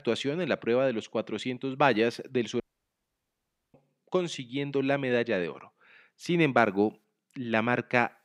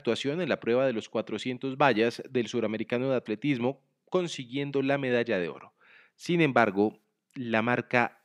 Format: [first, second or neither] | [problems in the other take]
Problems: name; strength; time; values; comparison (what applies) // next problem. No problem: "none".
second | audio cutting out; at 2.5 s for 1 s